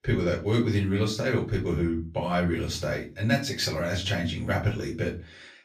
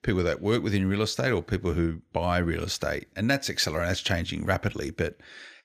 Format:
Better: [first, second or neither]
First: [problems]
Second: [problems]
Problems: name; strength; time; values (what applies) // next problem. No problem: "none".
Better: second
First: off-mic speech; far // room echo; very slight; dies away in 0.3 s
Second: none